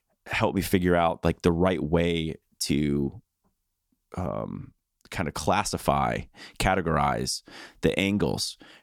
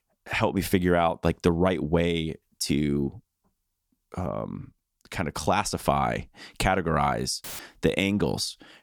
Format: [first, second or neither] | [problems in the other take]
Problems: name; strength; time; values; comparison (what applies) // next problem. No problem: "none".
first | audio cutting out; filled with static; at 7.5 s